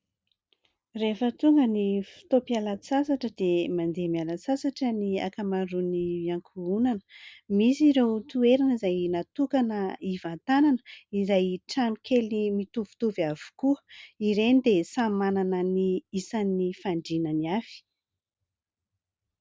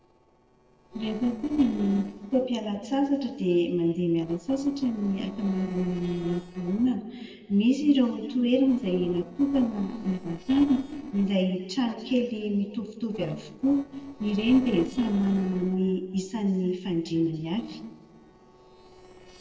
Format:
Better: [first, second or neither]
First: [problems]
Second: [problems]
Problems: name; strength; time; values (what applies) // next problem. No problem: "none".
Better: first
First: none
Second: noise reduction (neural separator model SepFormer DNS4)